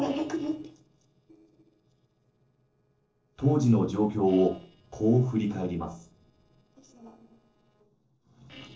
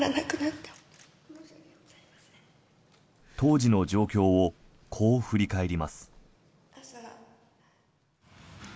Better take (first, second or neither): second